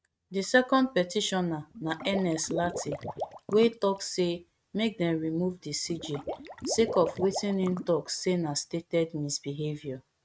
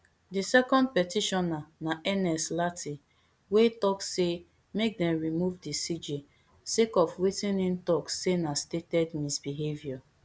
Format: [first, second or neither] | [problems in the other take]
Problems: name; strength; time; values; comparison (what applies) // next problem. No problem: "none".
second | noise reduction (neural mask model RNNoise)